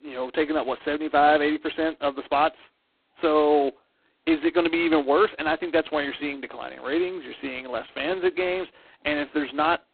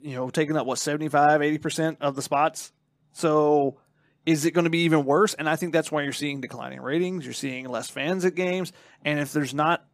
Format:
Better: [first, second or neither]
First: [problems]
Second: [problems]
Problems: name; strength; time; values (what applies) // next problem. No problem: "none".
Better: second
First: phone-call audio; poor line; nothing above 4 kHz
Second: none